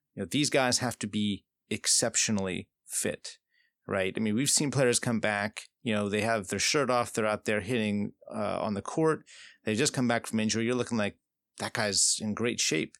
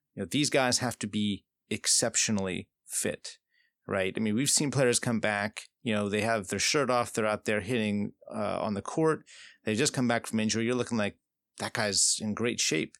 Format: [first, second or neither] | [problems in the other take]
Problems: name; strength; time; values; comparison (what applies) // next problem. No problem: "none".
neither | none